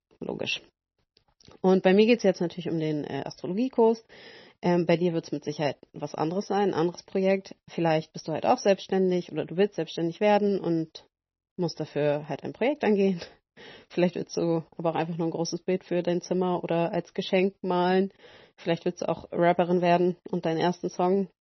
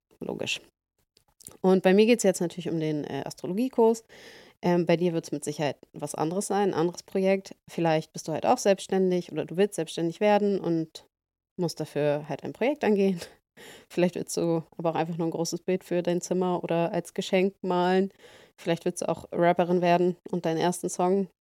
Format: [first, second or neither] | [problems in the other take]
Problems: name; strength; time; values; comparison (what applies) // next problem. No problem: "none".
second | garbled, watery; slightly; nothing above 6 kHz